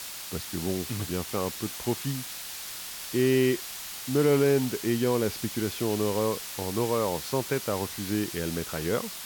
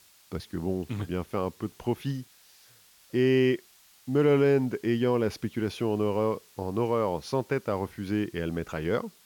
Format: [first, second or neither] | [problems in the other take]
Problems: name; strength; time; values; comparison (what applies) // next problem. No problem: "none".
second | hiss; loud; throughout; 7 dB below the speech; faint in the second